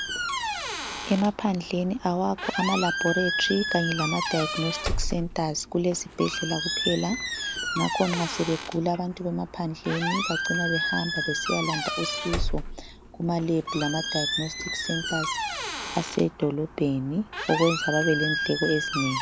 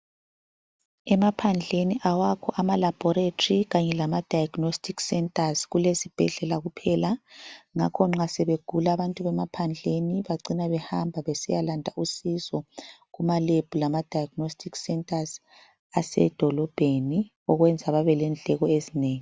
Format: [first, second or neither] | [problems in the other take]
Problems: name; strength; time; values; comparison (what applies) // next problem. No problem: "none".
second | background sound (Squeak); 3 dB below the speech